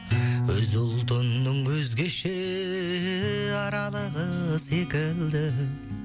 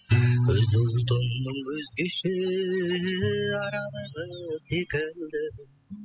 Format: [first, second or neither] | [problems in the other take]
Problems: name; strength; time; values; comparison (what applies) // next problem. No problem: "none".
first | noise reduction (classical method spectral subtraction)